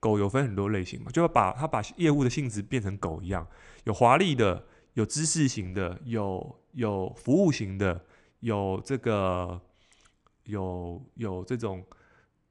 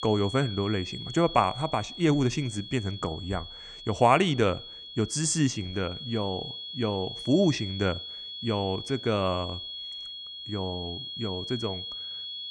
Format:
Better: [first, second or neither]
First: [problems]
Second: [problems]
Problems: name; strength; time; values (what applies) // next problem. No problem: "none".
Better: first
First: none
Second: high-pitched whine; loud; throughout; 3.5 kHz, 9 dB below the speech